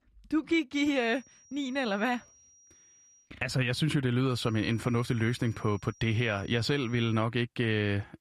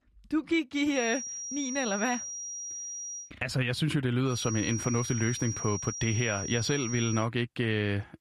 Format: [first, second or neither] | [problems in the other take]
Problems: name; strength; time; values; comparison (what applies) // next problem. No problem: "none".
first | high-pitched whine; loud; from 1 to 3 s and from 4.5 to 7 s; 5.5 kHz, 6 dB below the speech; faint in the first